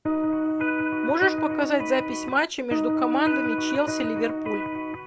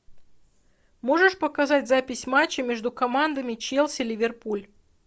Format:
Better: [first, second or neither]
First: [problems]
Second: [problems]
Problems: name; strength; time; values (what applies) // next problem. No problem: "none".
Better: second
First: background sound (Electric guitar); 1 dB above the speech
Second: none